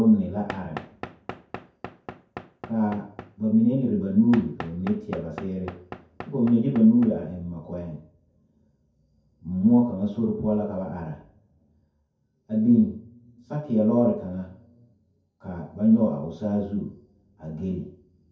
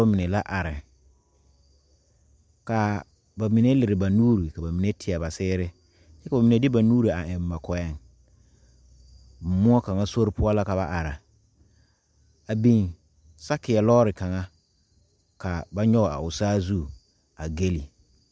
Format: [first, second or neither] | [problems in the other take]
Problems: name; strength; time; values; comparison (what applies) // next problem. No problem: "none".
second | background sound (Knock / Wood); 16 dB below the speech // room echo; dies away in 0.6 s